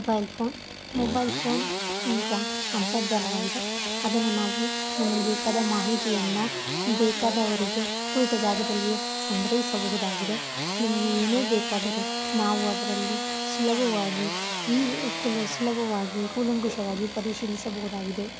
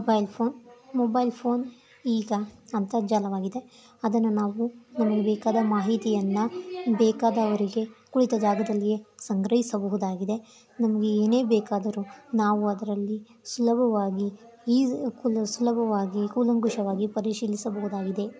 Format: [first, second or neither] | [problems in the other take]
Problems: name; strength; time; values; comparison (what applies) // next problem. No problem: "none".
second | background sound (Engine starting / Sawing); 3 dB below the speech